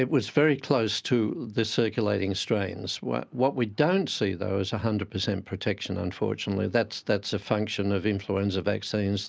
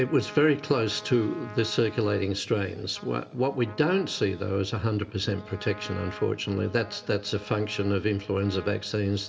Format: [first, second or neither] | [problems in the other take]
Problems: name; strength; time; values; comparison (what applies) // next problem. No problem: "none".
first | background sound (Trumpet); 19 dB below the speech // room echo; dies away in 1.5 s